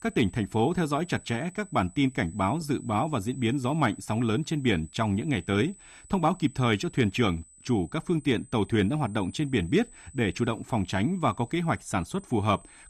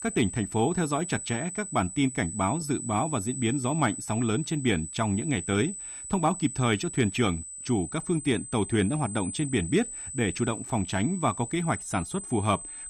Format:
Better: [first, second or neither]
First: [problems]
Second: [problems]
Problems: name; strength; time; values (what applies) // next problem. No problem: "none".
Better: first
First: high-pitched whine; faint; throughout; 8 kHz, 25 dB below the speech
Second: high-pitched whine; loud; throughout; 8 kHz, 8 dB below the speech